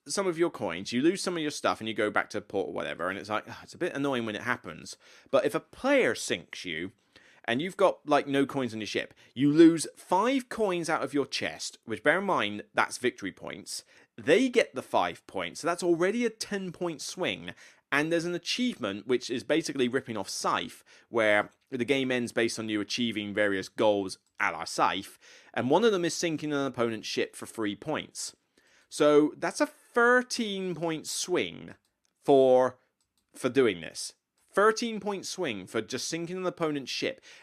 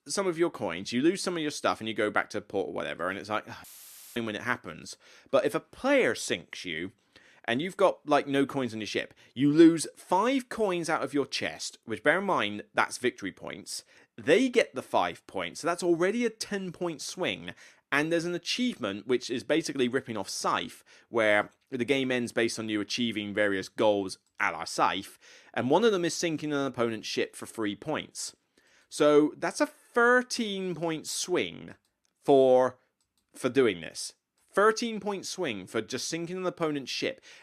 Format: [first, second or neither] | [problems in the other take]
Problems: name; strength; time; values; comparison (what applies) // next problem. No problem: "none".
first | audio cutting out; filled with static; at 3.5 s for 0.5 s